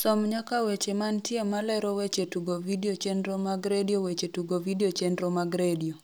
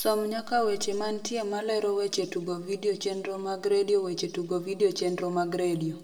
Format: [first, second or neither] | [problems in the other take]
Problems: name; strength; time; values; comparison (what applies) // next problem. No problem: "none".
first | room echo; dies away in 1.1 s